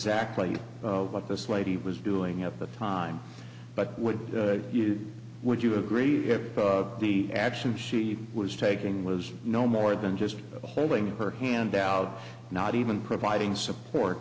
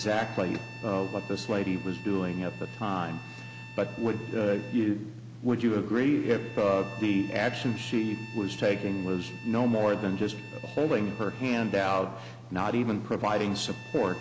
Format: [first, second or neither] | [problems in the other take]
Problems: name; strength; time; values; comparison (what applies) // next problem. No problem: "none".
first | background sound (Bowed string instrument); 18 dB below the speech